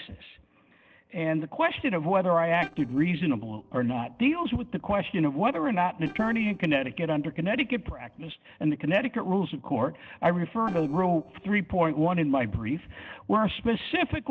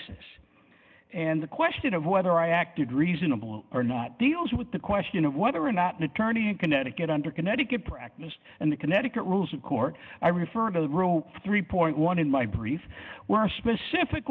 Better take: second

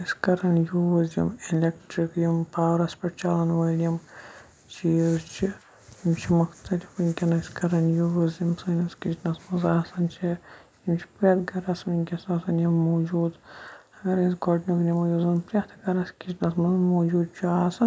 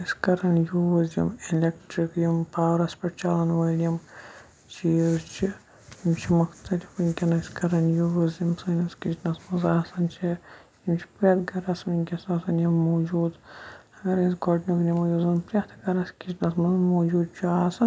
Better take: second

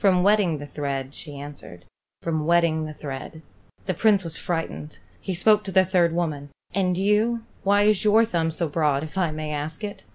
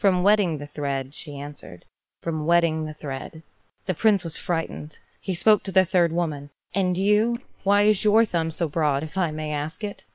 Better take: first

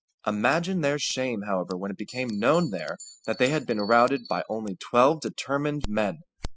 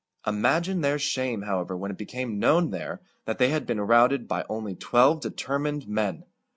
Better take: second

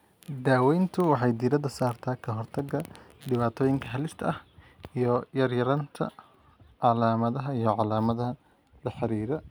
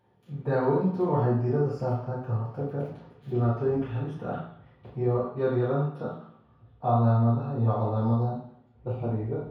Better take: first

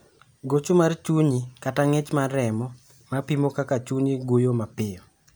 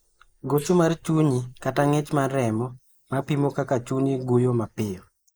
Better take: first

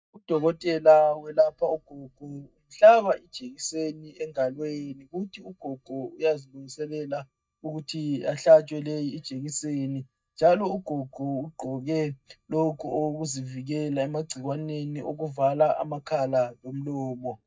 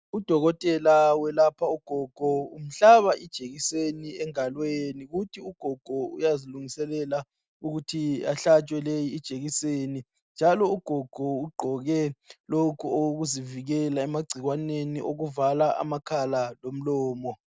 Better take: second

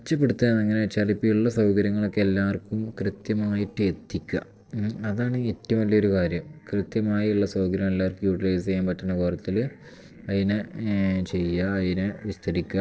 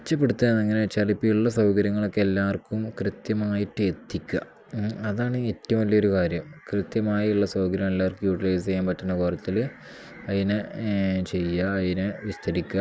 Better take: second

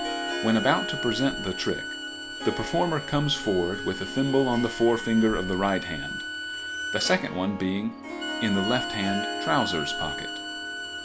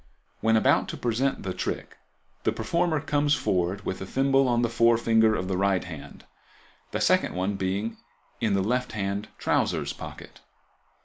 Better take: second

